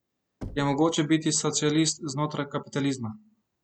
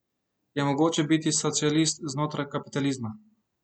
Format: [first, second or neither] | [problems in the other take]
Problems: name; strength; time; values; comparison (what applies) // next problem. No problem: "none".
second | background sound (Knock / Wood); 19 dB below the speech